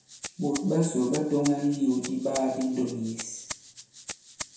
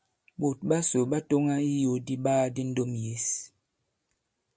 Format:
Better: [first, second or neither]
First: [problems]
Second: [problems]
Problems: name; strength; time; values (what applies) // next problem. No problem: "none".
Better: second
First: background sound (Rattle (instrument)); 14 dB below the speech // room echo; dies away in 0.7 s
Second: none